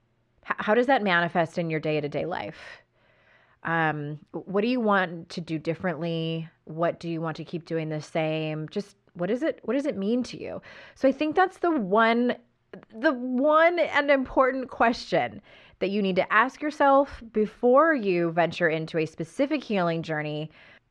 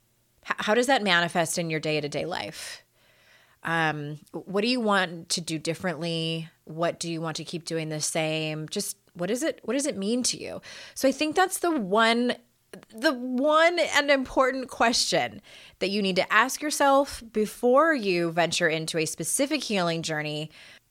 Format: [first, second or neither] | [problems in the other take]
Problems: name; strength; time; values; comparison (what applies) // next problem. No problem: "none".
second | muffled; very; fading above 2 kHz